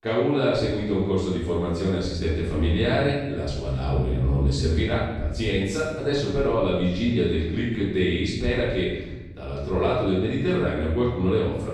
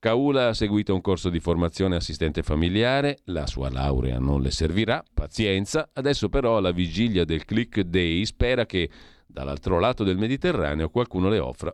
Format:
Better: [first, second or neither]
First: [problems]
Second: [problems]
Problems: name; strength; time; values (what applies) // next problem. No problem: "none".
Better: second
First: off-mic speech; far // room echo; strong; dies away in 1 s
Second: none